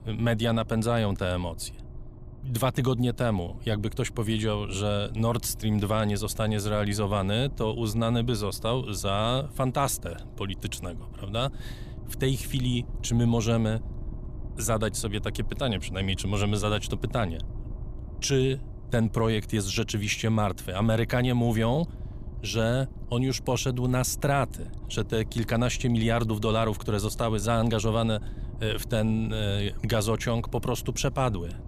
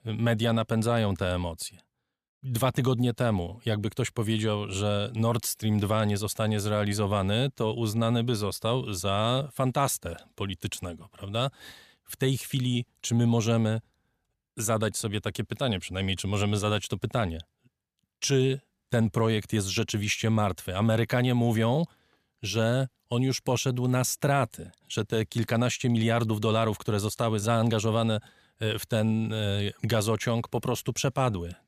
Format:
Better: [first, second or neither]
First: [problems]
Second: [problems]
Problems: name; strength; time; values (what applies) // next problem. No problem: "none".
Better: second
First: low rumble; faint; throughout; 20 dB below the speech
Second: none